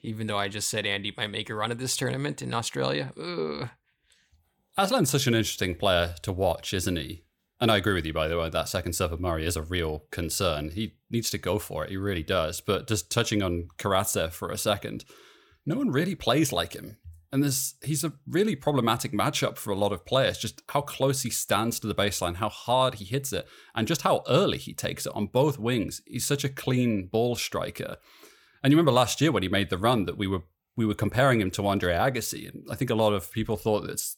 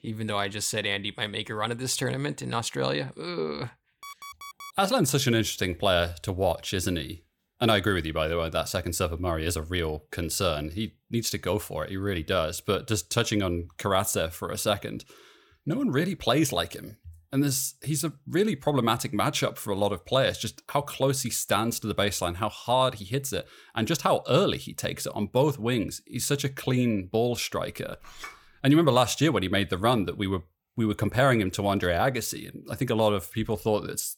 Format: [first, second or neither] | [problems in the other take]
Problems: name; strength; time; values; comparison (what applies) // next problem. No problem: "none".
first | alarm; faint; at 4 s; peak 15 dB below the speech // clattering dishes; faint; at 28 s; peak 15 dB below the speech